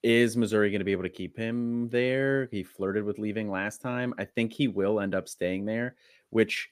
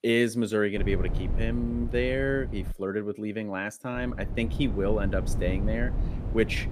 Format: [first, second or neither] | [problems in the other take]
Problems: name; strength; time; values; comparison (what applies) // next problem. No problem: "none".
first | wind noise on the microphone; occasional gusts; from 1 to 2.5 s and from 4 s on; 15 dB below the speech